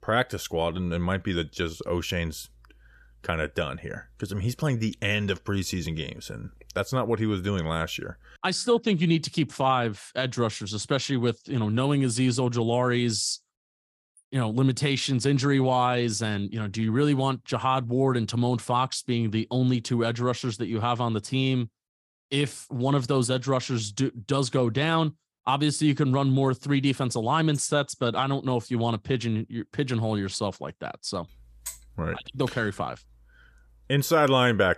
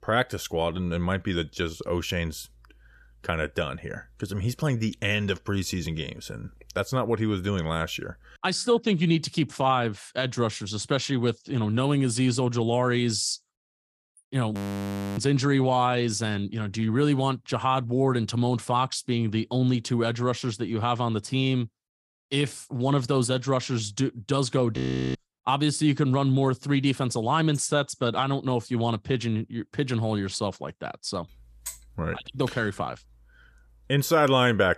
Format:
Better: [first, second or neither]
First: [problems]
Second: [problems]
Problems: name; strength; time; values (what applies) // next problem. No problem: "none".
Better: first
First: none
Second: audio freezing; at 15 s for 0.5 s and at 25 s